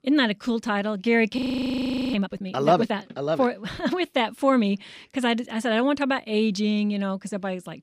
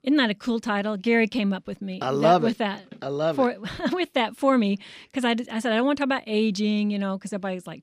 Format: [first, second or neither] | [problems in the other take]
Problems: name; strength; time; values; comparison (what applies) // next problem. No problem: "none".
second | audio freezing; at 1.5 s for 1 s